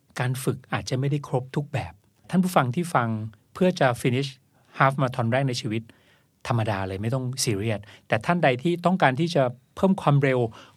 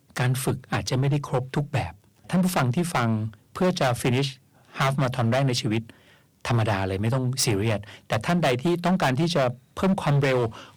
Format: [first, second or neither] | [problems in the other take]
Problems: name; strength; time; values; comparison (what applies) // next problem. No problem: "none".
first | distortion; heavy; 12% of the sound clipped